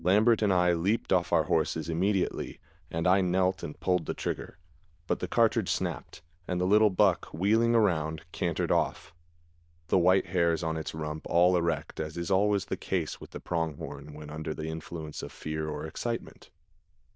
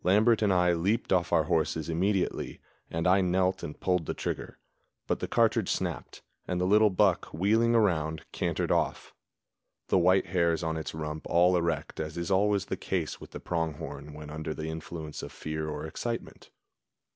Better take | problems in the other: second | noise reduction (neural diffusion model UNIVERSE++)

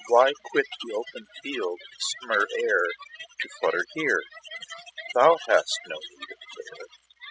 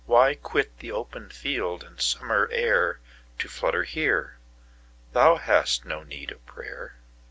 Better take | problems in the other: second | noise reduction (classical method spectral subtraction)

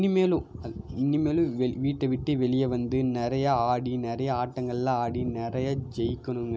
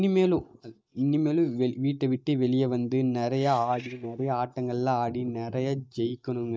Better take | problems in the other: first | noise reduction (neural mask model DeepFilterNet 3)

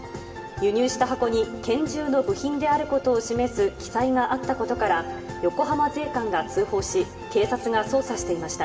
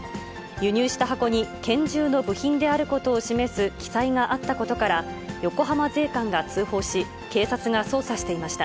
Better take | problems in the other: second | room echo; dies away in 2.4 s

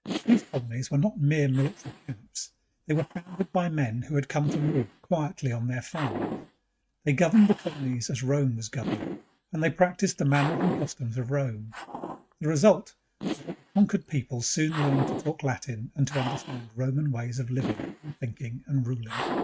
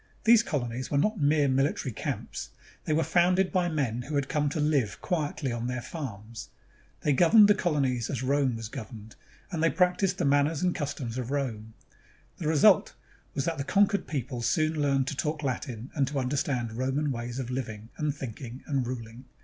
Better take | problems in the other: second | noise reduction (neural mask model RNNoise)

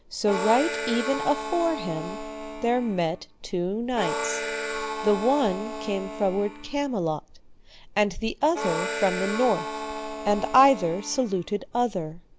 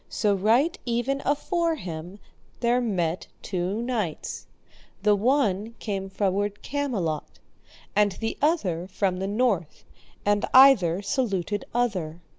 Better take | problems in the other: second | background sound (Harmonica); 7 dB below the speech

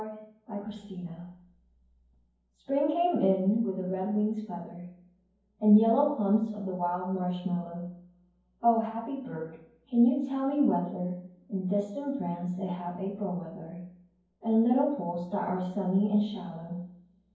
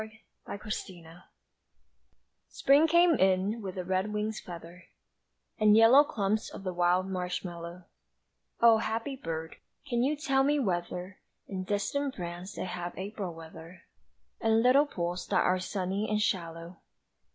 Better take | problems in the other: second | room echo; dies away in 0.9 s

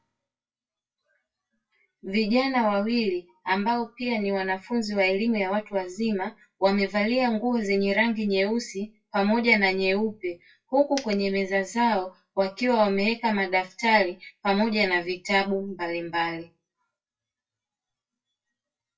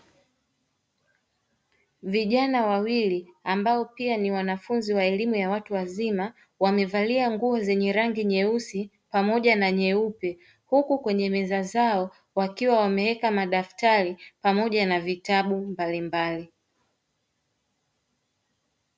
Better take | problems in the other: second | noise reduction (classical method WPE with log-MMSE)

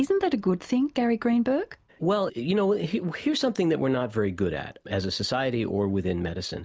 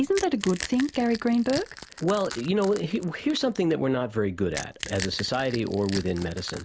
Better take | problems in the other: first | background sound (Crack / Crushing); 14 dB below the speech

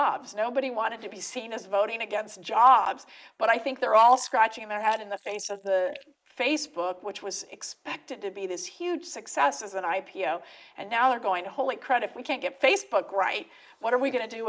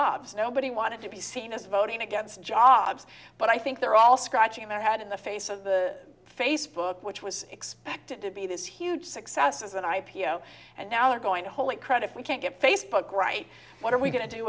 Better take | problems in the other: second | noise reduction (neural mask model Resemble Enhance denoiser)

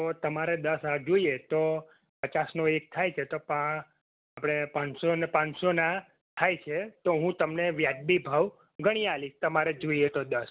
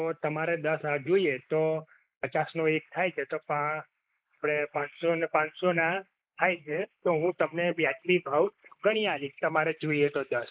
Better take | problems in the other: first | noise reduction (neural mask model Resemble Enhance denoiser)

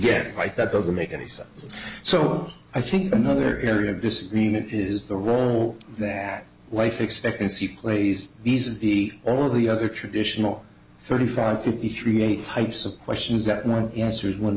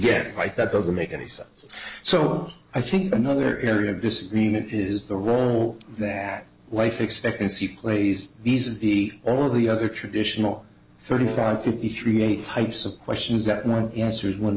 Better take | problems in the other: first | noise reduction (neural separator model SepFormer DNS4)

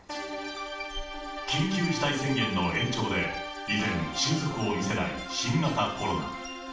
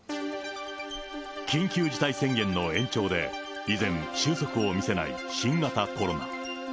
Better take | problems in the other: second | room echo; dies away in 0.5 s

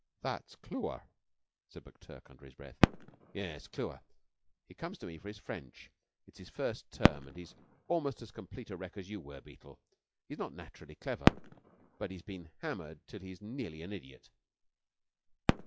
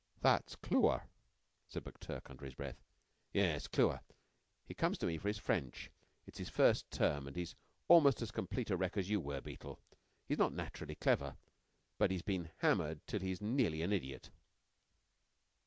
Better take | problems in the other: second | noise reduction (classical method log-MMSE)

